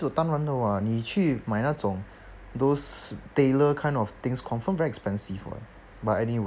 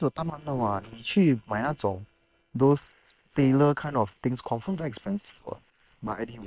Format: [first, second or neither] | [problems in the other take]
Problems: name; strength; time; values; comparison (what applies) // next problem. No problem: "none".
first | noise reduction (neural separator model SepFormer WHAM!)